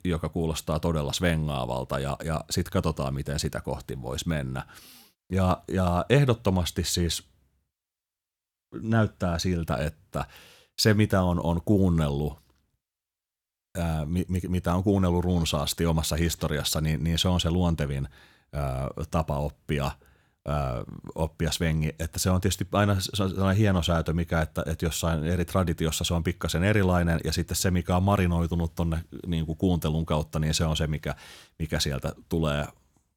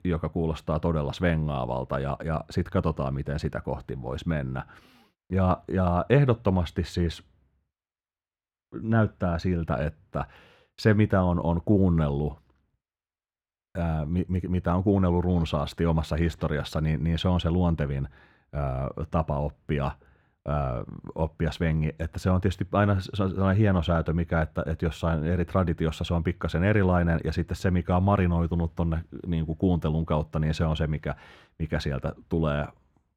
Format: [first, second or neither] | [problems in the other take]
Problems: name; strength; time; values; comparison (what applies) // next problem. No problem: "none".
first | muffled; slightly; fading above 4 kHz